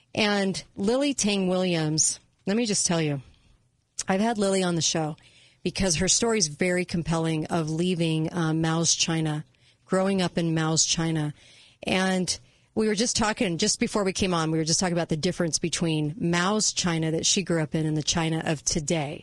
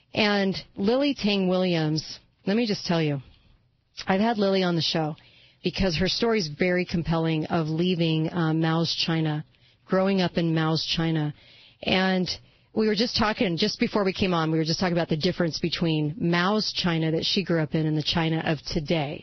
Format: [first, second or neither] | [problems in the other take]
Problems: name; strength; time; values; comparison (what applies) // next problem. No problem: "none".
first | garbled, watery; badly; nothing above 5.5 kHz; slightly in the first